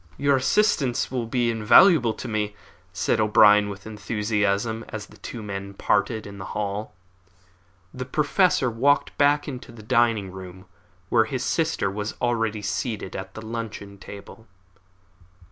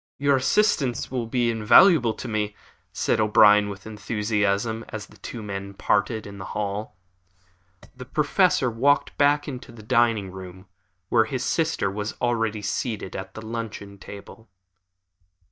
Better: first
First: none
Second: noise reduction (neural mask model DeepFilterNet 3)

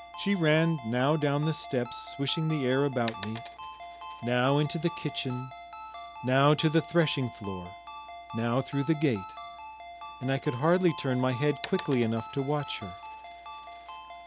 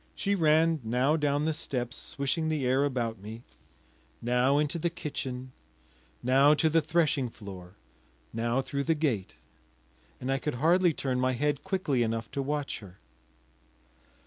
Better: second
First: background sound (Ringtone + Coin (dropping)); 13 dB below the speech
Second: none

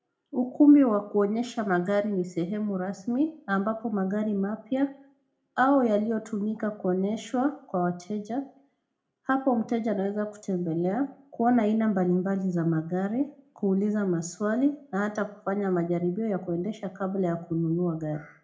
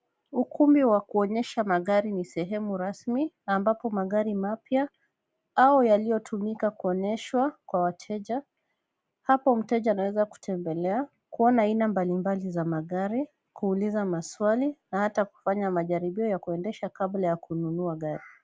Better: second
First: room echo; dies away in 0.3 s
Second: none

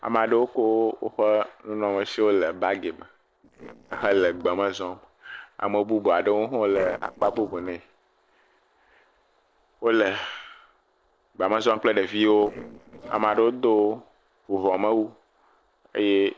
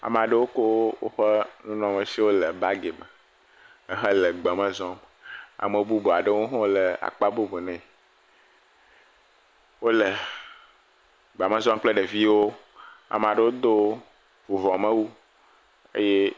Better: second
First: noise reduction (neural separator model SepFormer DNS4)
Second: none

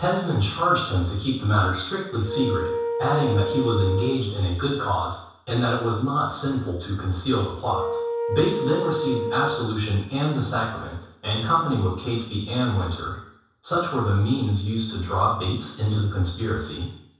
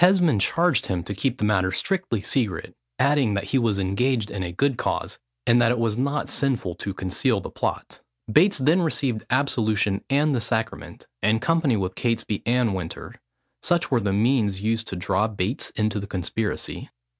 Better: second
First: background sound (Wind instrument, woodwind instrument); 4 dB below the speech // room echo; dies away in 0.7 s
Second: none

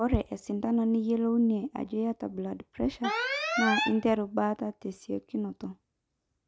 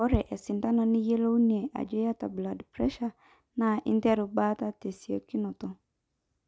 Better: second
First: background sound (Alarm); 2 dB below the speech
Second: none

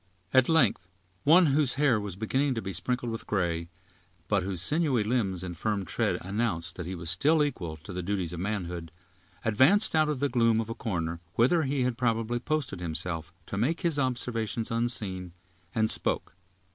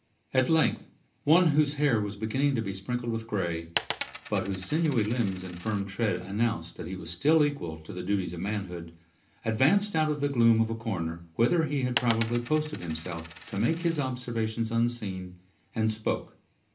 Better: first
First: none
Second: background sound (Coin (dropping)); 11 dB below the speech // room echo; dies away in 0.3 s

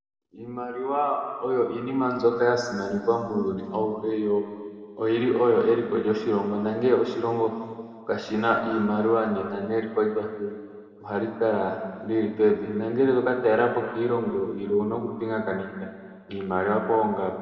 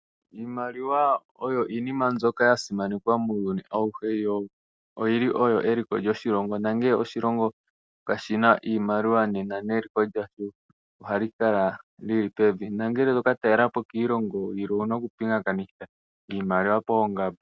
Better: second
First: room echo; dies away in 2 s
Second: none

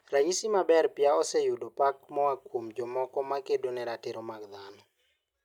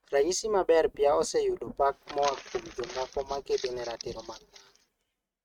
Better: first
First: none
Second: noise reduction (neural mask model RNNoise)

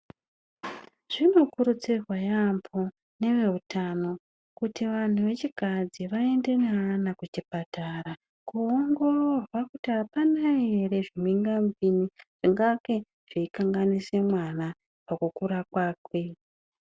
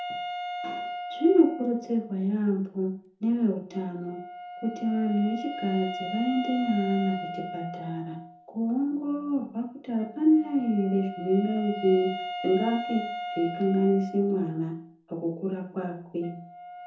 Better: first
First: none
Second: background sound (Wind instrument, woodwind instrument); 10 dB below the speech // room echo; dies away in 0.5 s

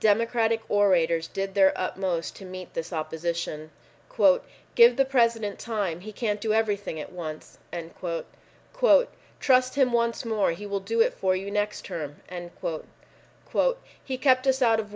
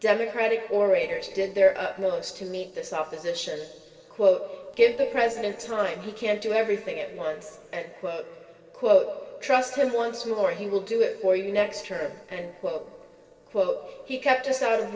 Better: first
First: none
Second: noise reduction (neural separator model SepFormer DNS4)

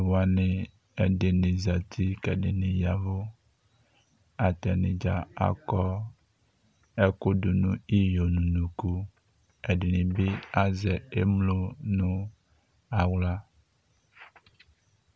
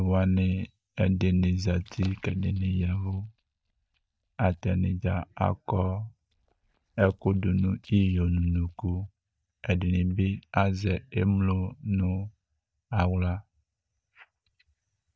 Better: first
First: none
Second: noise reduction (neural mask model DeepFilterNet 3)

